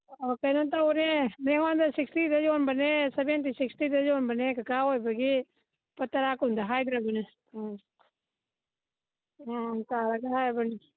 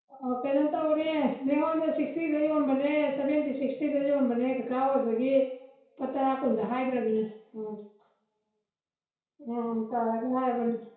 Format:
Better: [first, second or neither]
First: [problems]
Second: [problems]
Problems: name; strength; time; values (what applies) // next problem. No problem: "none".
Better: first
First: none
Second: room echo; dies away in 0.6 s